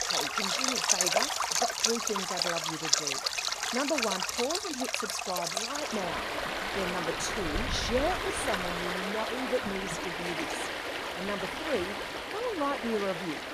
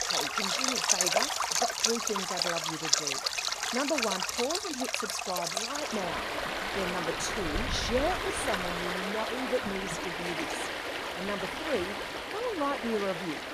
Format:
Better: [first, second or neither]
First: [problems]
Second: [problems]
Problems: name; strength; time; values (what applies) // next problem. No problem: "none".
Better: neither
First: rain or running water; very loud; throughout; 5 dB above the speech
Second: rain or running water; very loud; throughout; 5 dB above the speech